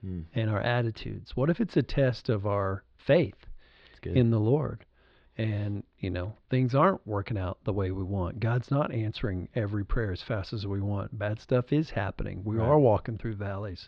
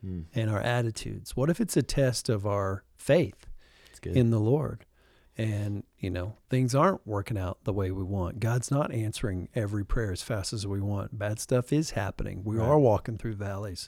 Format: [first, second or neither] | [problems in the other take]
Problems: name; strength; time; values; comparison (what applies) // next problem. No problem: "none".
second | muffled; slightly; fading above 4 kHz